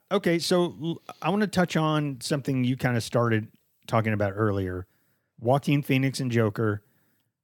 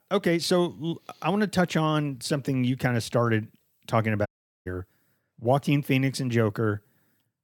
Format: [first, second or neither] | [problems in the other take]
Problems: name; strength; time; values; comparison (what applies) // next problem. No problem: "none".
first | audio cutting out; at 4.5 s